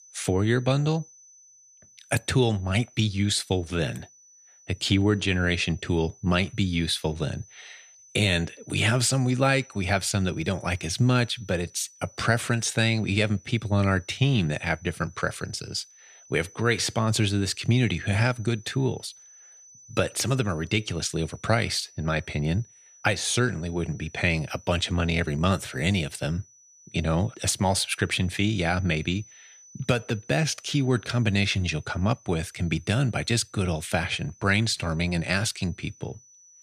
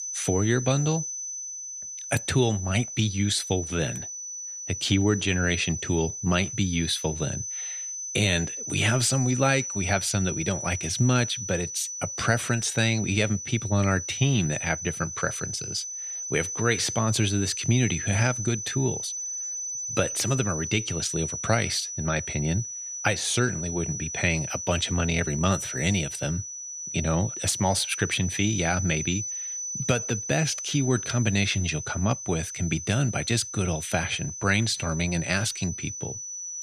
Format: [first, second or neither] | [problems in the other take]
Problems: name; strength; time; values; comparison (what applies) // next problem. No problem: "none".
first | high-pitched whine; loud; throughout; 6 kHz, 6 dB below the speech; faint in the first